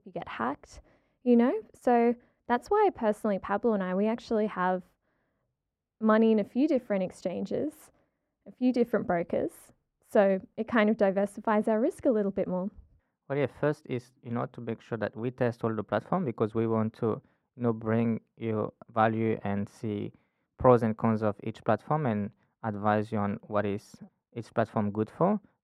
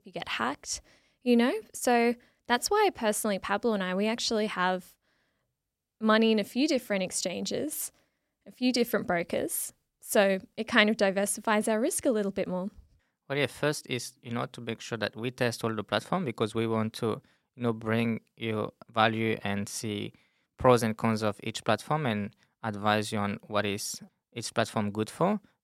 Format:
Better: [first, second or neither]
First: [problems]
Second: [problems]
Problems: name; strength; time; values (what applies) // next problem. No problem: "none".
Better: second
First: muffled; very; fading above 2.5 kHz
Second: none